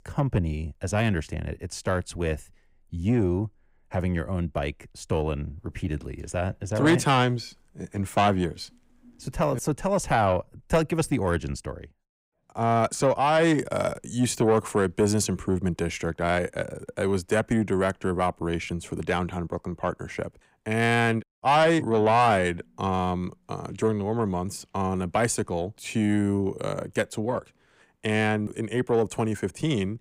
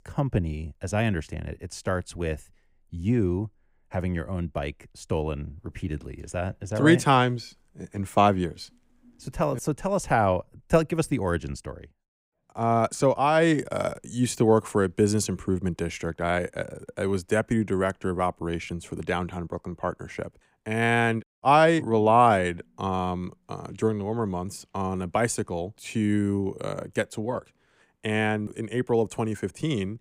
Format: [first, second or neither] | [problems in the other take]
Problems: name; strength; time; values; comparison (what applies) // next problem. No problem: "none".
second | distortion; slight; 10 dB below the speech